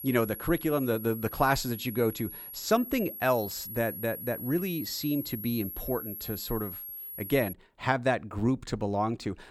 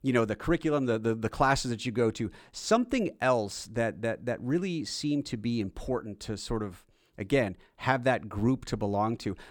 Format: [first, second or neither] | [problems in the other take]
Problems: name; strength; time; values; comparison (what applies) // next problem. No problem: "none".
second | high-pitched whine; loud; until 7.5 s; 11.5 kHz, 8 dB below the speech